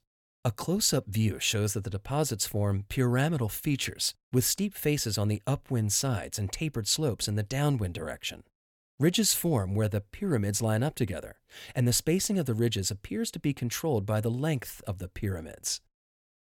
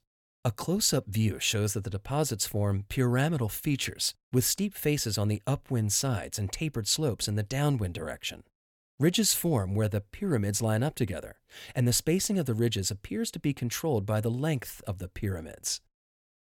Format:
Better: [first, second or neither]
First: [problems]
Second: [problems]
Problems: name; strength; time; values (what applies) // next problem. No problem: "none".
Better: neither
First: none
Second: none